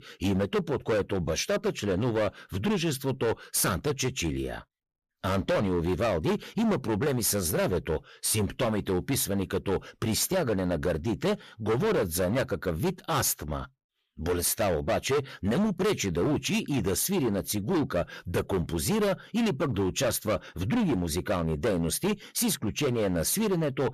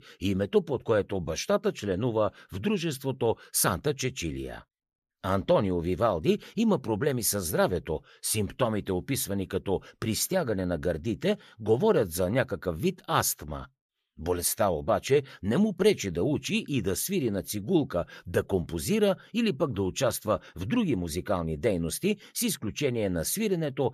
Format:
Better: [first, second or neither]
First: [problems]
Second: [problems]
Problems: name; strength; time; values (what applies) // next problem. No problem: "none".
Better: second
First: distortion; heavy; 16% of the sound clipped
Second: none